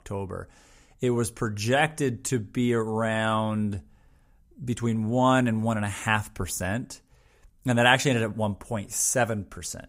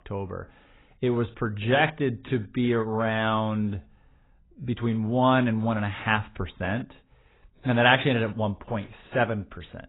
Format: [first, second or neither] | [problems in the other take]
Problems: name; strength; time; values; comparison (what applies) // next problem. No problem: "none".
first | garbled, watery; badly; nothing above 3.5 kHz